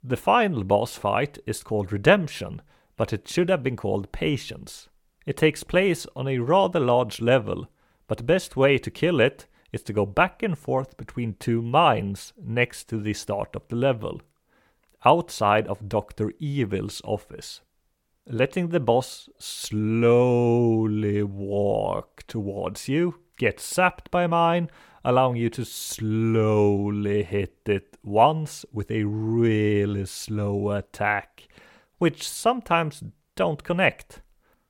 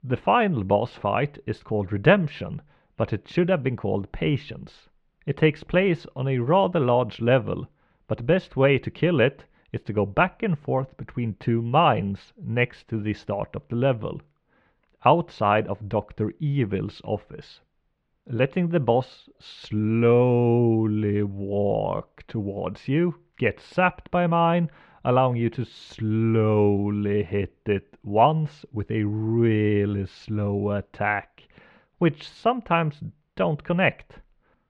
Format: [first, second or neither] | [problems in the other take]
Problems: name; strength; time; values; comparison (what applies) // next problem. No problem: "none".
first | muffled; slightly; fading above 3 kHz